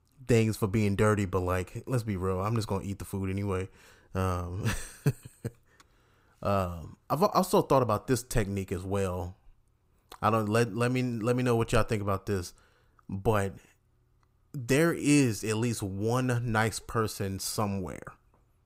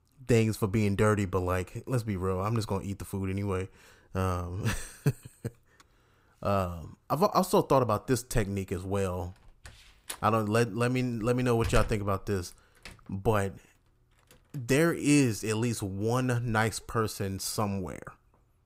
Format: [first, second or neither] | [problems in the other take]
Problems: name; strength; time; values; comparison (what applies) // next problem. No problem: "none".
first | door banging; noticeable; from 9.5 to 13 s; peak 7 dB below the speech